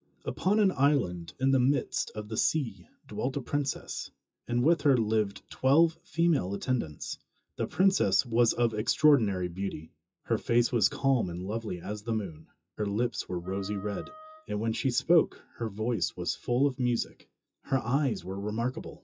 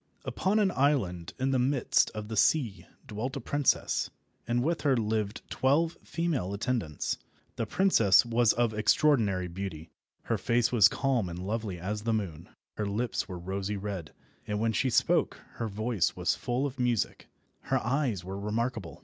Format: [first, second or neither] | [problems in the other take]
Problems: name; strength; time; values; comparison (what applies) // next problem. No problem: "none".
second | noise reduction (classical method WPE with log-MMSE)